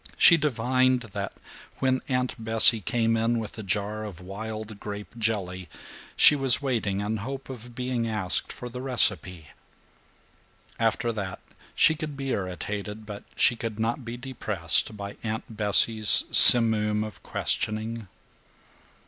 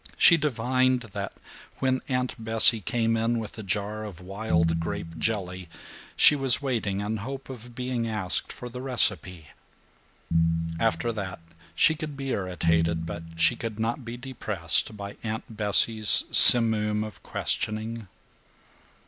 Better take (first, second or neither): first